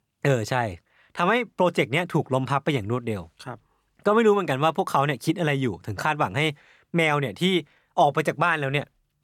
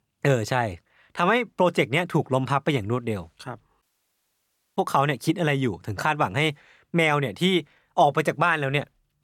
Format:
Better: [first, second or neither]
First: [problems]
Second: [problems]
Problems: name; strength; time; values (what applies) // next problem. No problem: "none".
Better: first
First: none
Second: audio cutting out; at 4 s for 1 s